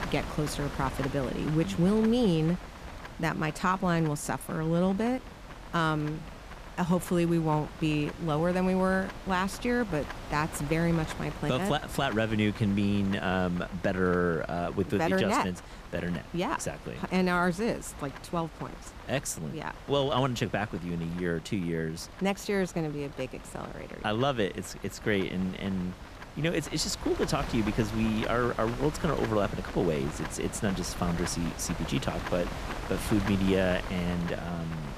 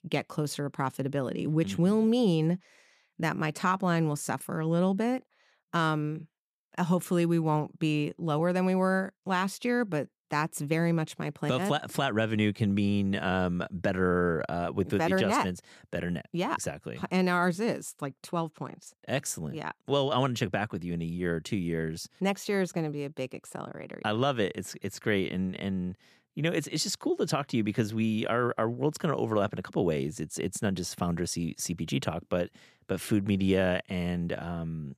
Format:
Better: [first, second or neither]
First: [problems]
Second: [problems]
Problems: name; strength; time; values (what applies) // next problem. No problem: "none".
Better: second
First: wind noise on the microphone; occasional gusts; 10 dB below the speech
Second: none